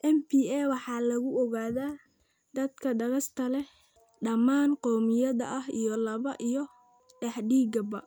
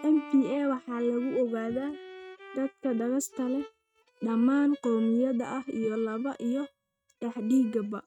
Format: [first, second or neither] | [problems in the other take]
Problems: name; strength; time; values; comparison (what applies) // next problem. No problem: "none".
first | noise reduction (neural mask model RNNoise)